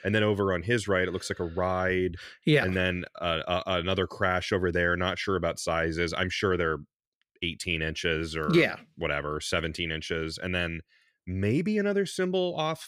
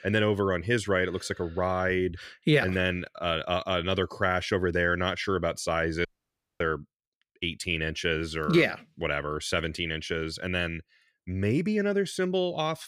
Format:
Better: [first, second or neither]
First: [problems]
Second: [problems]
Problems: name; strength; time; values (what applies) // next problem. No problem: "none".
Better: first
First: none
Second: audio cutting out; at 6 s for 0.5 s